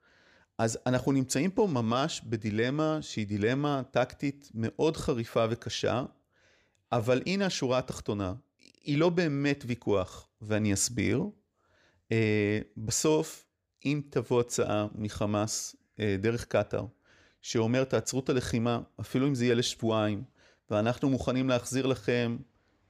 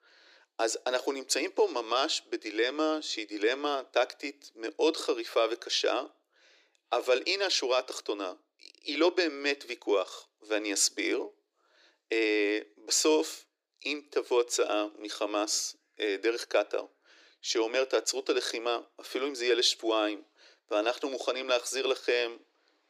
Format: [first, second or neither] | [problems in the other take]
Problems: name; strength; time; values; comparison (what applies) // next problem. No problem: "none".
first | thin; very; fading below 300 Hz